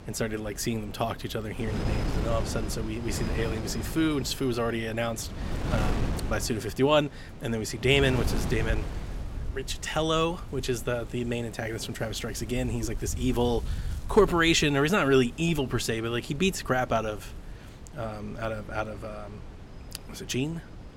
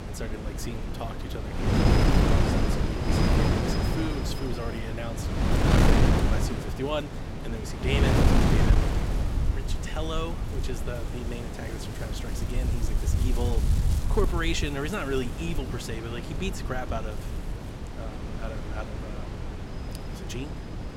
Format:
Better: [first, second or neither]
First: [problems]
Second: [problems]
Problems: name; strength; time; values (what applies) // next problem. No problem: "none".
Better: first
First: wind noise on the microphone; occasional gusts; 15 dB below the speech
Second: wind noise on the microphone; heavy; 2 dB above the speech